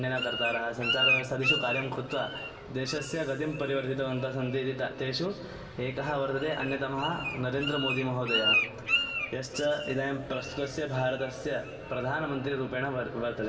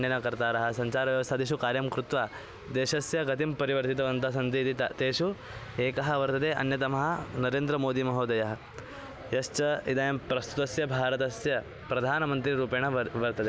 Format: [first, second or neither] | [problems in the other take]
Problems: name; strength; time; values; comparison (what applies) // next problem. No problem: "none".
second | background sound (Bird); 3 dB below the speech // room echo; dies away in 2.6 s